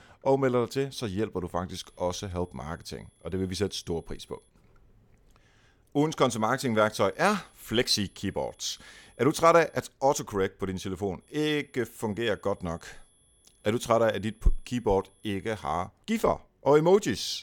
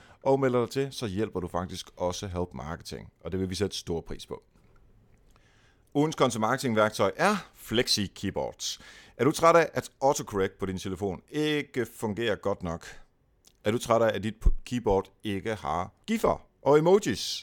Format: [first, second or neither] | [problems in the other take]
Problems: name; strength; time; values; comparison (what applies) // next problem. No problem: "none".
second | high-pitched whine; faint; from 2 to 4.5 s, from 6.5 to 10 s and from 11 to 16 s; 11 kHz, 35 dB below the speech